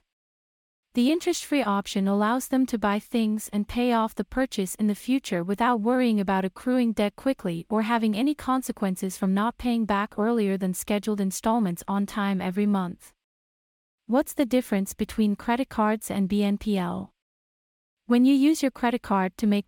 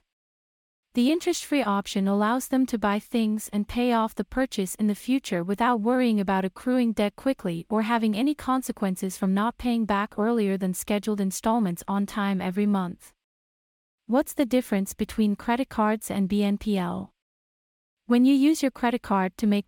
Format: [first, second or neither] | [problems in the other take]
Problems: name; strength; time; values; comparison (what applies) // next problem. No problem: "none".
neither | none